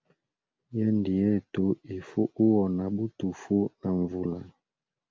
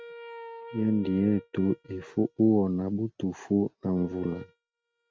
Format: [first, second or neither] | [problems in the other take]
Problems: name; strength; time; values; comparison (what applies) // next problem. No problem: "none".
first | noise reduction (neural mask model RNNoise)